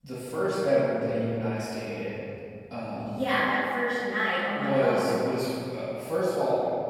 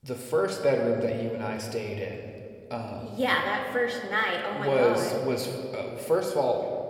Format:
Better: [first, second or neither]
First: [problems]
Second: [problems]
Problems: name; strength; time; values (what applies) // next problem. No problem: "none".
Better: second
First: room echo; strong; dies away in 2 s // off-mic speech; far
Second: room echo; slight; dies away in 2 s